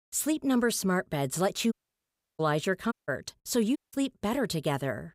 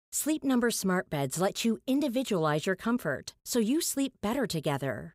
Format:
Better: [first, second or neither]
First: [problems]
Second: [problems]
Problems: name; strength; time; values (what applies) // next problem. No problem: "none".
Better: second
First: audio cutting out; at 1.5 s for 0.5 s, at 3 s and at 4 s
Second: none